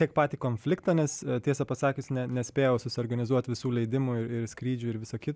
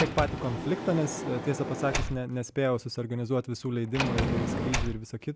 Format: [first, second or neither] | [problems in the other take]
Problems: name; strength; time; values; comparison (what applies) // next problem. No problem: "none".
first | background sound (Sliding door); 3 dB below the speech